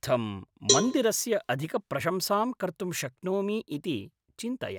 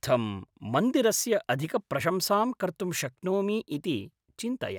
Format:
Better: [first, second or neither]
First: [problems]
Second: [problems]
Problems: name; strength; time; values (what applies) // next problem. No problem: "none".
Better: second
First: background sound (Cowbell); 4 dB below the speech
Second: none